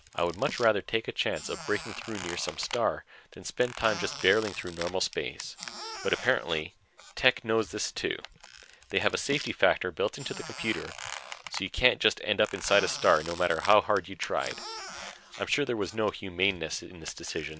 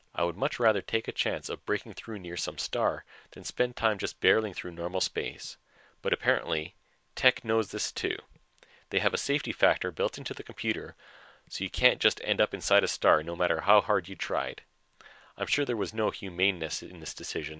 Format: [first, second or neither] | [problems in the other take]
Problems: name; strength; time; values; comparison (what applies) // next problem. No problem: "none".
second | background sound (Squeak); 14 dB below the speech